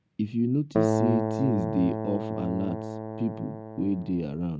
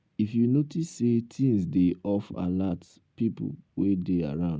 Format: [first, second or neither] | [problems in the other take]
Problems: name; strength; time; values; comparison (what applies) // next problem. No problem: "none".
second | background sound (Keyboard (musical)); 1 dB below the speech